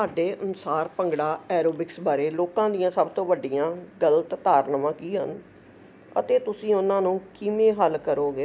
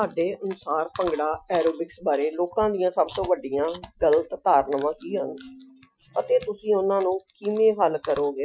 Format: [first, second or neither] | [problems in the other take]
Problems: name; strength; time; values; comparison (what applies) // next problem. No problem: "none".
first | noise reduction (classical method Wiener filter)